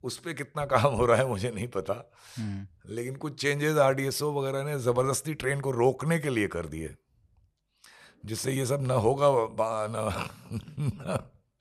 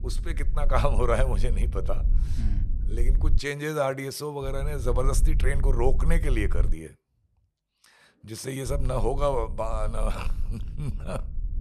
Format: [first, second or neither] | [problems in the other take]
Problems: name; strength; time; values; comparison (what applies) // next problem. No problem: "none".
first | low rumble; noticeable; until 3.5 s, from 4.5 to 6.5 s and from 8.5 s on; 20 dB below the speech